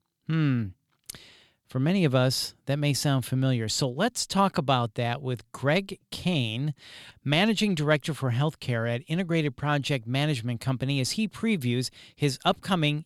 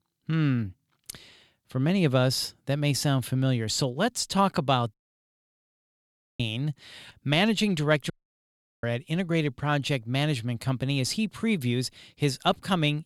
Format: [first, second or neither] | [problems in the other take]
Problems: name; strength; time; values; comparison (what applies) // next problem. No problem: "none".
first | audio cutting out; at 5 s for 1.5 s and at 8 s for 0.5 s